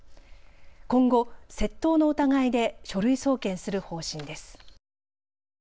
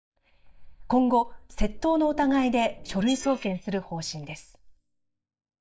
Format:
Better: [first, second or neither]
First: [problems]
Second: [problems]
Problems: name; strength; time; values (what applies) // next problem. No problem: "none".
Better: first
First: none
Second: noise reduction (neural mask model DeepFilterNet 3)